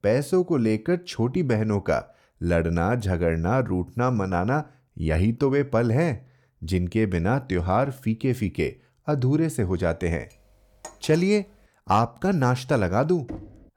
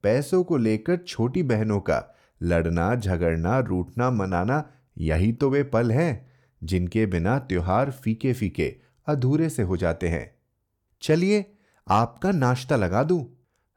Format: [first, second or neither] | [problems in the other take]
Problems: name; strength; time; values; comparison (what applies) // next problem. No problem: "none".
second | clattering dishes; faint; at 10 s; peak 15 dB below the speech // door banging; faint; at 13 s; peak 15 dB below the speech